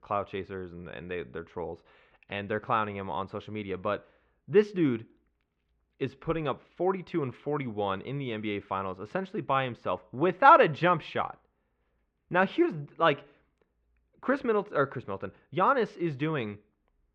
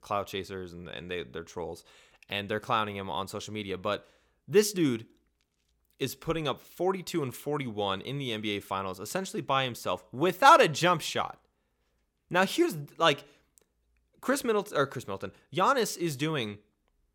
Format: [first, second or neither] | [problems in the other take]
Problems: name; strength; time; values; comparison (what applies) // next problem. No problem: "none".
second | muffled; very; fading above 2.5 kHz